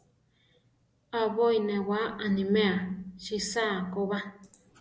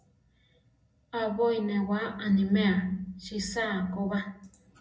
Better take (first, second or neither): first